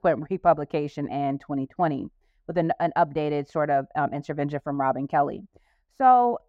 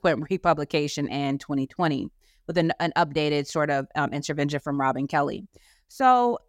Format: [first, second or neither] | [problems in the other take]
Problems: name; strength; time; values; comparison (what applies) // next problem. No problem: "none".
second | muffled; very; fading above 3 kHz